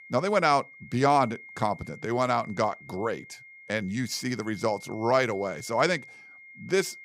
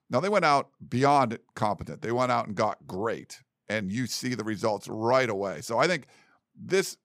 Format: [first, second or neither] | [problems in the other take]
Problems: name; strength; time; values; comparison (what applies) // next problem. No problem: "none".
second | high-pitched whine; noticeable; throughout; 2 kHz, 20 dB below the speech